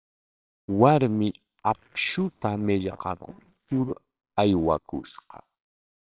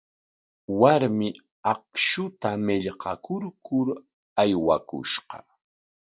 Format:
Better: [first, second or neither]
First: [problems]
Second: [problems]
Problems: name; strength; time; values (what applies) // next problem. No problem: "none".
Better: second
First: noise reduction (neural separator model SepFormer WHAMR!)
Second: none